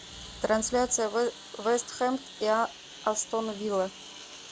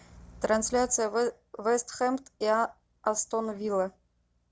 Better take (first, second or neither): second